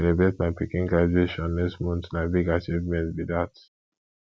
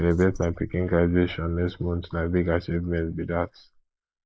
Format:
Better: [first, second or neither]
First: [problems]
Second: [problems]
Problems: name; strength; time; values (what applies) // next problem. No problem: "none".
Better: first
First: none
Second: noise reduction (neural mask model Resemble Enhance denoiser)